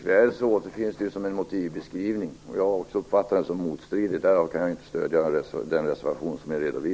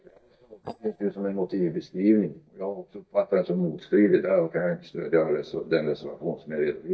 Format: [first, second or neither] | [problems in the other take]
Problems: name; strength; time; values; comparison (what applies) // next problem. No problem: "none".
first | noise reduction (neural mask model DeepFilterNet 3)